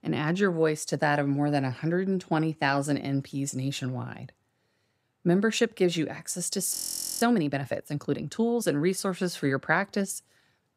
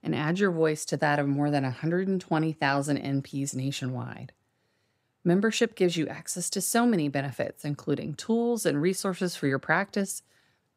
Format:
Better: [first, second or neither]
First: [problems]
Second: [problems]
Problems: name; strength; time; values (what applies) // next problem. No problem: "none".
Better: second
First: audio freezing; at 6.5 s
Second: none